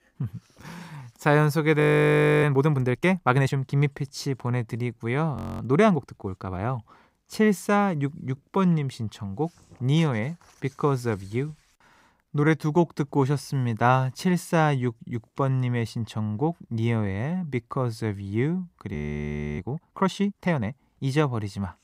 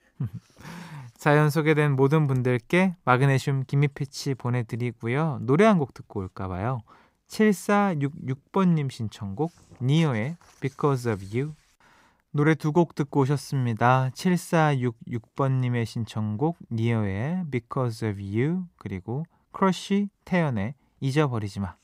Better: second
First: audio freezing; at 2 s for 0.5 s, at 5.5 s and at 19 s for 0.5 s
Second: none

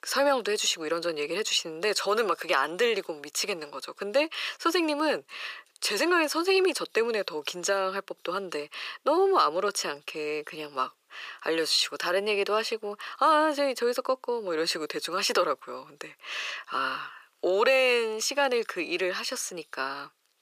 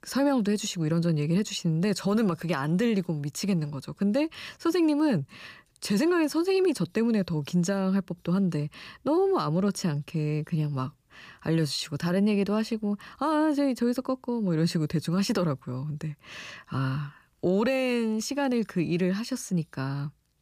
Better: second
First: thin; very; fading below 450 Hz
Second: none

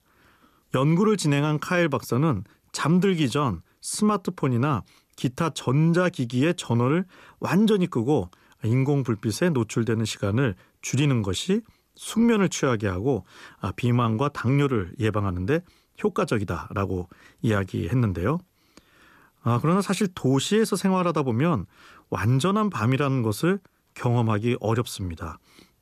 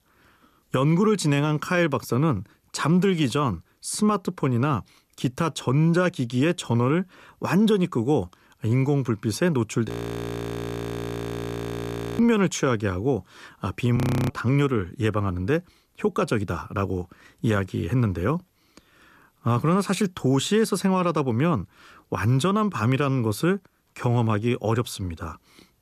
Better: first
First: none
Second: audio freezing; at 10 s for 2.5 s and at 14 s

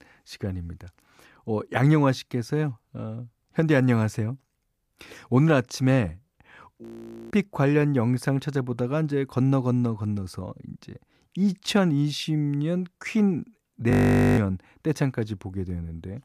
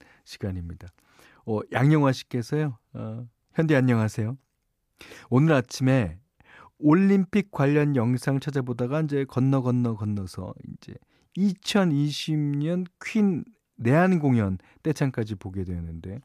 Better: second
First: audio freezing; at 7 s and at 14 s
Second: none

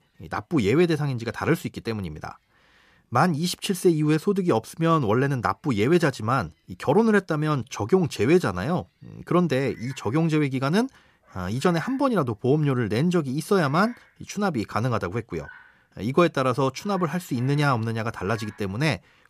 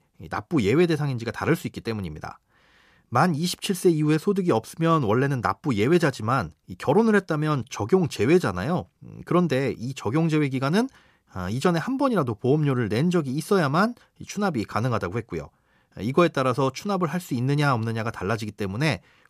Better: second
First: animal sounds; faint; throughout; 25 dB below the speech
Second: none

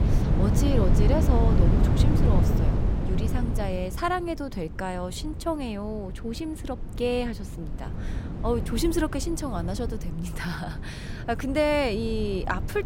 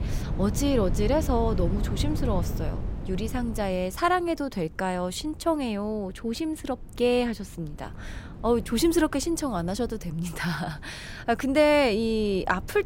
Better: second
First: wind noise on the microphone; heavy; 6 dB below the speech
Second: wind noise on the microphone; occasional gusts; 15 dB below the speech

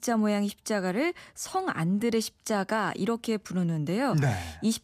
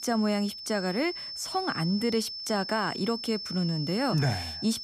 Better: first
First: none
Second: high-pitched whine; loud; throughout; 5.5 kHz, 6 dB below the speech

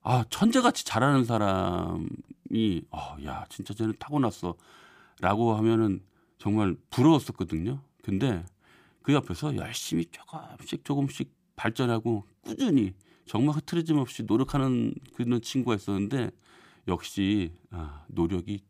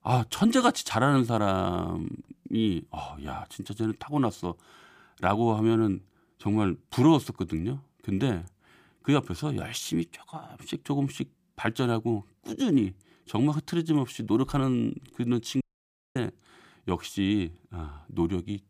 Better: first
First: none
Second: audio cutting out; at 16 s for 0.5 s

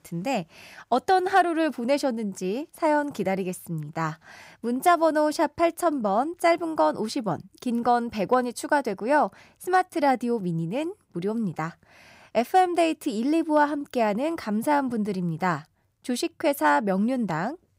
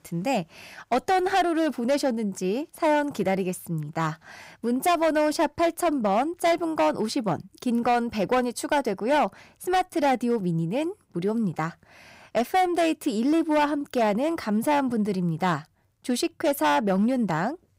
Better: first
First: none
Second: distortion; slight; 7% of the sound clipped

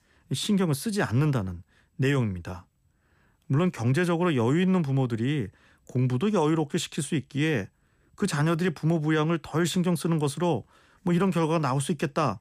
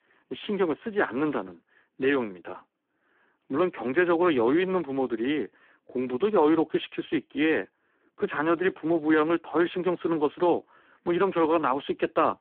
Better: first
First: none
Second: phone-call audio; poor line

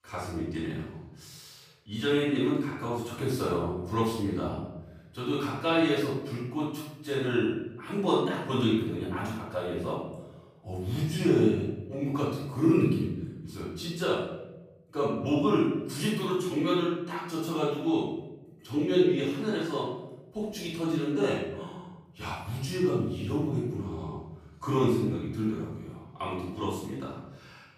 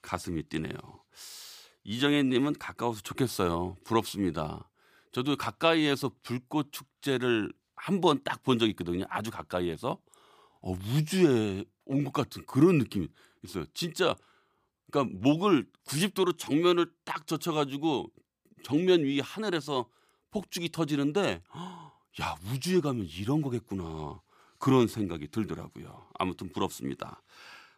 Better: second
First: off-mic speech; far // room echo; noticeable; dies away in 1 s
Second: none

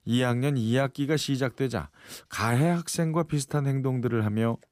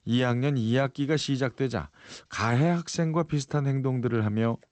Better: first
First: none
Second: garbled, watery; slightly; nothing above 8 kHz

